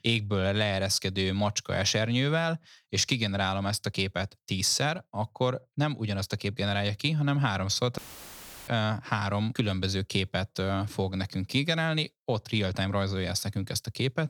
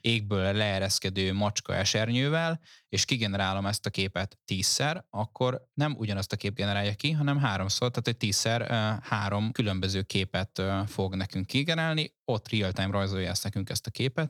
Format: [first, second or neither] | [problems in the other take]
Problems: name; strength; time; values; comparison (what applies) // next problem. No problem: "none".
second | audio cutting out; filled with static; at 8 s for 0.5 s